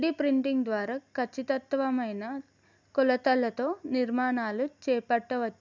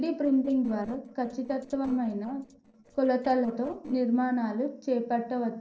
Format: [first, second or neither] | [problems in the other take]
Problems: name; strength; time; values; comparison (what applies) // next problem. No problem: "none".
first | noise reduction (neural separator model SepFormer DNS4)